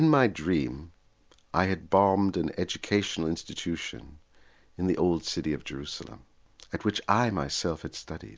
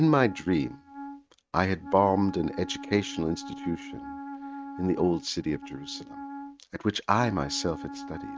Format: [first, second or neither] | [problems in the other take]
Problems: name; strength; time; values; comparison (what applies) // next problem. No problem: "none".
first | noise reduction (neural mask model RNNoise)